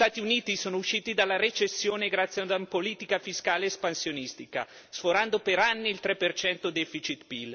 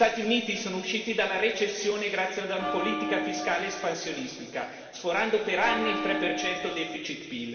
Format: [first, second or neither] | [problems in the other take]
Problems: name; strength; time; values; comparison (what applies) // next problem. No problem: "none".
first | background sound (Bell); 4 dB below the speech // room echo; dies away in 2.1 s